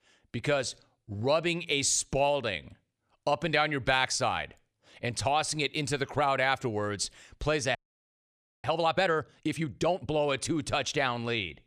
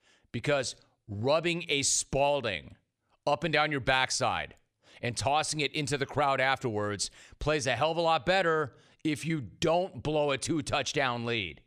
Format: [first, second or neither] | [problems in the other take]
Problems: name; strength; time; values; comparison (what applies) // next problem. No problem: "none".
second | audio freezing; at 8 s for 1 s